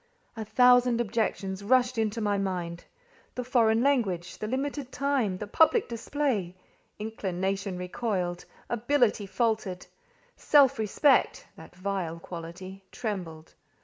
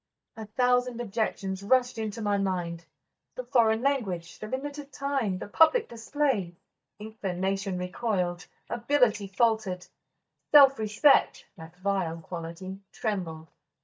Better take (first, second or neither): first